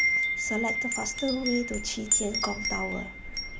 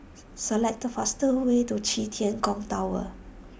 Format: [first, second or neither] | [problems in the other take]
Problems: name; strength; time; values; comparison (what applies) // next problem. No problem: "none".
second | background sound (Wind chime); 3 dB above the speech